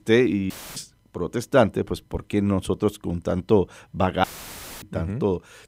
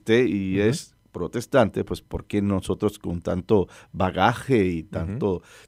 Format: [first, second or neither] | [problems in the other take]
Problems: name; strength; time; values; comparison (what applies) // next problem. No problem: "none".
second | audio cutting out; filled with static; at 0.5 s and at 4 s for 0.5 s